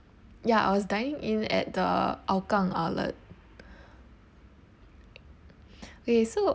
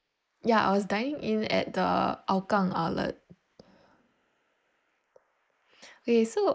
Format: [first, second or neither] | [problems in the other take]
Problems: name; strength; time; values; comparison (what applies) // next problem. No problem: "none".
first | noise reduction (neural mask model Resemble Enhance denoiser)